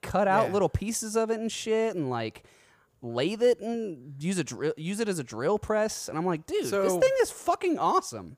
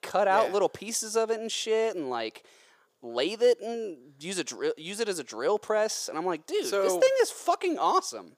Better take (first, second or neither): first